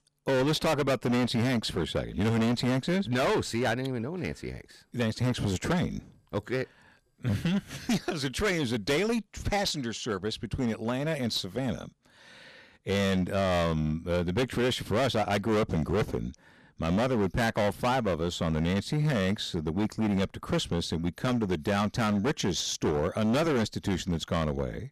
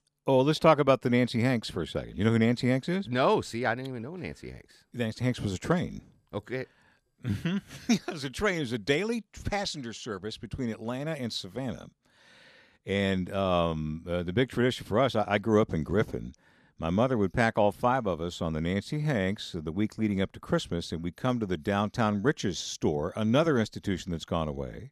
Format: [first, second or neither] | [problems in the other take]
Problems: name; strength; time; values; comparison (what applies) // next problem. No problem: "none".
second | distortion; heavy; 17% of the sound clipped